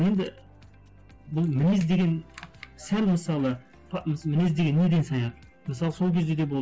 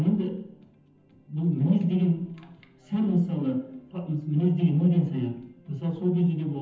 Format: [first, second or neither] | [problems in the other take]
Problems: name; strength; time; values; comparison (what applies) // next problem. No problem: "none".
first | room echo; dies away in 0.8 s